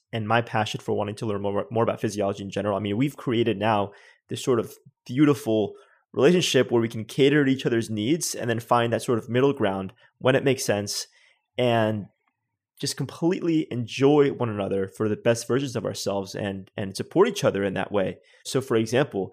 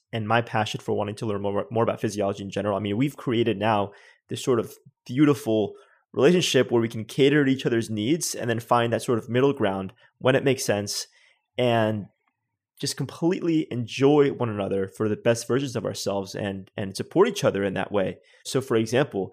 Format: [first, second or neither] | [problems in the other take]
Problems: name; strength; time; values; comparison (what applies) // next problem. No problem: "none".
neither | none